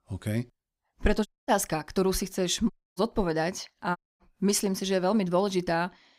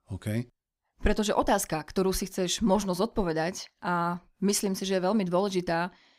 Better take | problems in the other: second | audio cutting out; at 1.5 s, at 2.5 s and at 4 s

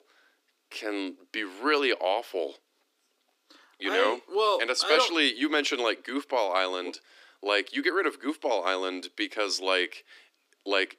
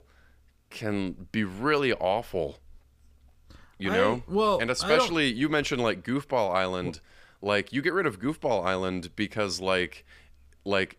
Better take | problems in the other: second | thin; very slightly; fading below 300 Hz

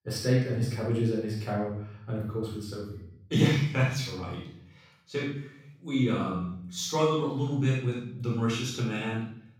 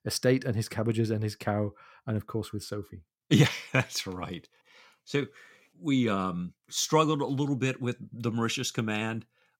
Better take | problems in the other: second | off-mic speech; far // room echo; noticeable; dies away in 0.6 s

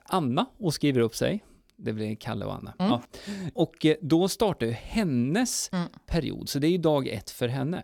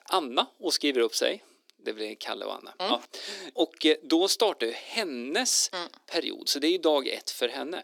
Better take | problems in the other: first | thin; somewhat; fading below 300 Hz

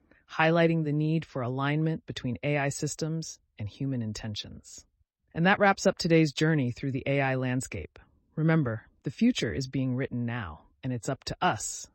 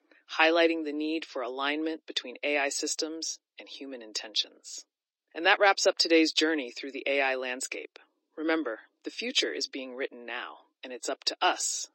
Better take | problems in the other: first | thin; very; fading below 300 Hz

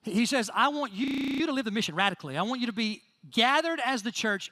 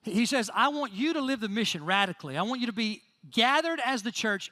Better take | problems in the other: second | audio freezing; at 1 s

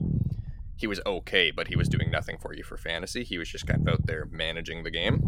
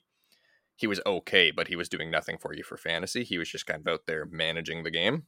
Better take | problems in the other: second | low rumble; noticeable; throughout; 10 dB below the speech

